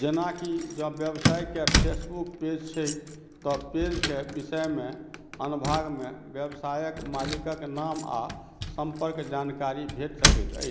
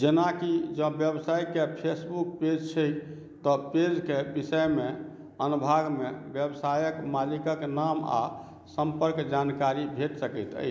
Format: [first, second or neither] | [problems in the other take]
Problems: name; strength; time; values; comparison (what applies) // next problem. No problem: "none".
second | background sound (Keys jangling); as loud as the speech